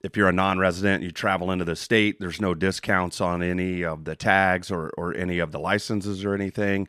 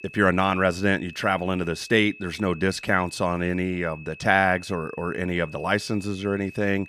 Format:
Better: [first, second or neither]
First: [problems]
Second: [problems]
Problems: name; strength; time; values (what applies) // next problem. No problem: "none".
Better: first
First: none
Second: high-pitched whine; noticeable; throughout; 2.5 kHz, 20 dB below the speech